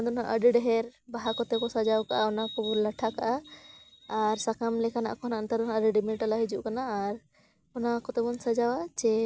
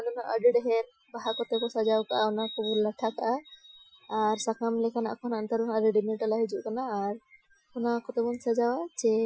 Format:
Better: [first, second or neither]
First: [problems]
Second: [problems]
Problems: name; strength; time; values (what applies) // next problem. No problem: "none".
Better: first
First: none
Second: noise reduction (classical method Wiener filter)